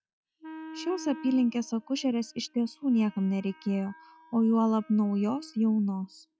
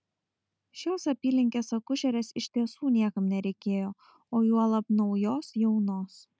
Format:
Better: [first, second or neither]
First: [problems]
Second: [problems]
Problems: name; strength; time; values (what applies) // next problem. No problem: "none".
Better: second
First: noise reduction (classical method log-MMSE)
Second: none